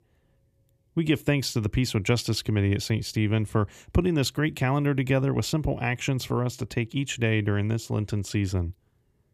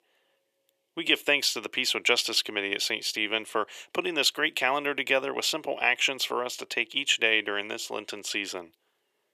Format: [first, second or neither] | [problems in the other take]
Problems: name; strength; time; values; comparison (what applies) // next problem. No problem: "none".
first | thin; very; fading below 450 Hz